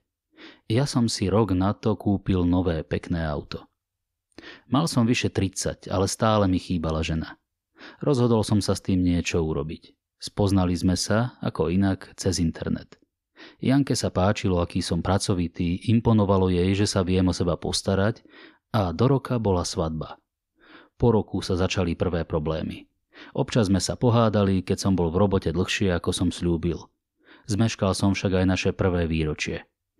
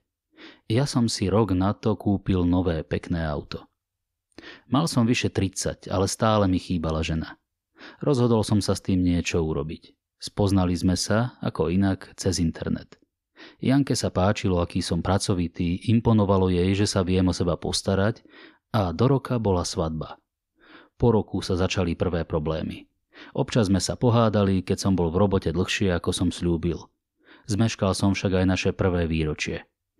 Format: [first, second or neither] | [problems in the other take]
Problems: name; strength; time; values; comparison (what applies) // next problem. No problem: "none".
neither | none